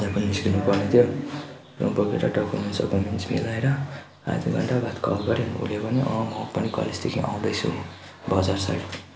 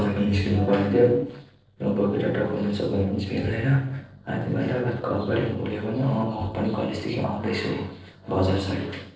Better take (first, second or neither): first